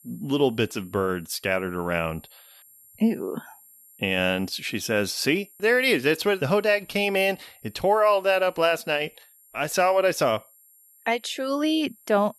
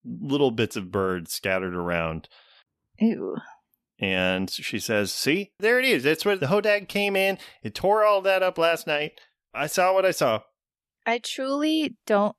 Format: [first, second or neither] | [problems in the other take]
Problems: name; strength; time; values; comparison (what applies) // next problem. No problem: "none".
second | high-pitched whine; faint; throughout; 11.5 kHz, 25 dB below the speech